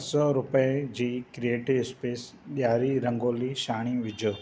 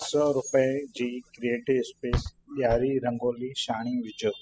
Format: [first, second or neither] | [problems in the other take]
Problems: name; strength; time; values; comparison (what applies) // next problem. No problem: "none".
first | noise reduction (classical method spectral subtraction)